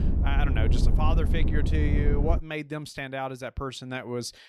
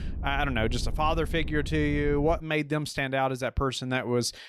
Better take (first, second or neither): second